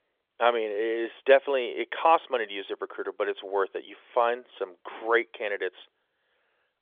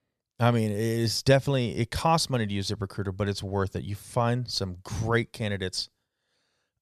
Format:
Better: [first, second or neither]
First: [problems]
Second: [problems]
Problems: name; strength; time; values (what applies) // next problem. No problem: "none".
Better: second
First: phone-call audio; nothing above 3.5 kHz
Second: none